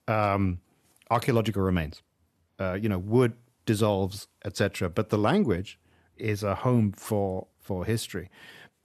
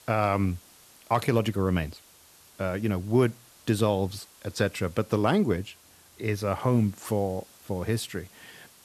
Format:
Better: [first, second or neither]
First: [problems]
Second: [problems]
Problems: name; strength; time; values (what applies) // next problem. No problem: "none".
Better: first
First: none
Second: hiss; faint; throughout; 25 dB below the speech